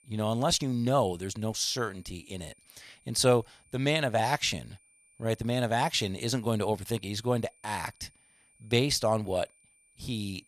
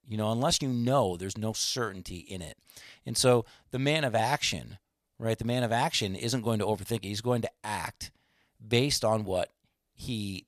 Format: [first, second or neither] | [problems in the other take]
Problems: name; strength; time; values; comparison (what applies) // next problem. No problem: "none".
second | high-pitched whine; faint; throughout; 9 kHz, 30 dB below the speech